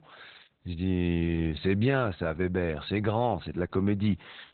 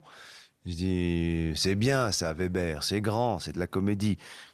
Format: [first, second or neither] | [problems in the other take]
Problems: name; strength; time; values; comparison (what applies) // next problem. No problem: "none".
second | garbled, watery; badly; nothing above 4 kHz; slightly in the second